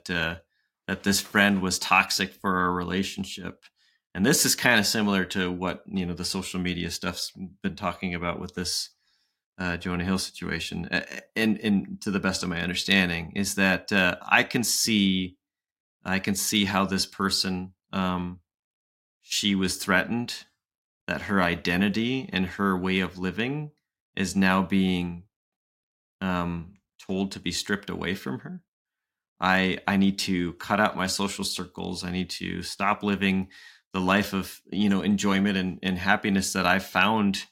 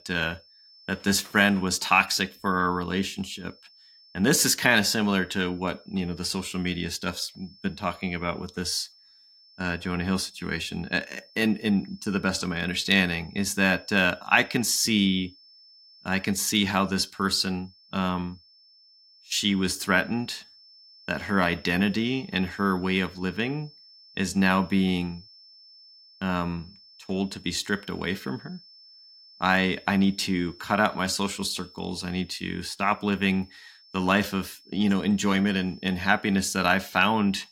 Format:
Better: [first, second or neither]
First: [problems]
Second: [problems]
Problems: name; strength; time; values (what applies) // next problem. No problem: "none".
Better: first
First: none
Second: high-pitched whine; faint; throughout; 5.5 kHz, 25 dB below the speech